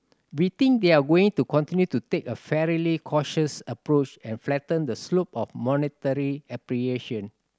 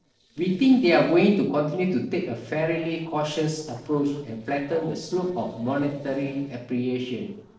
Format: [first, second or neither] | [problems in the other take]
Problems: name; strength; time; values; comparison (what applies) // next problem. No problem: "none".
first | noise reduction (neural separator model SepFormer DNS4)